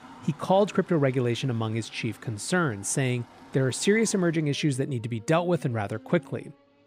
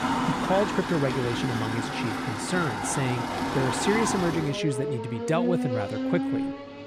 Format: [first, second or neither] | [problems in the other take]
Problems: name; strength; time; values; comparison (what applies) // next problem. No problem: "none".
first | traffic noise; loud; throughout; 1 dB below the speech; faint in the first